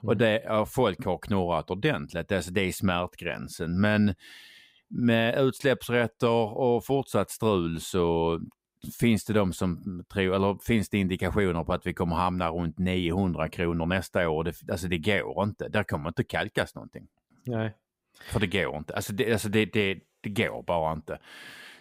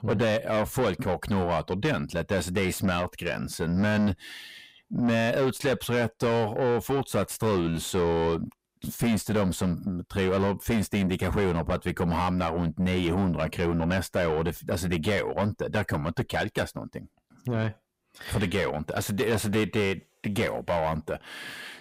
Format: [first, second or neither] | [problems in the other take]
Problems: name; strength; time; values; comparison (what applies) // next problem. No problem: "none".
first | distortion; heavy; 7 dB below the speech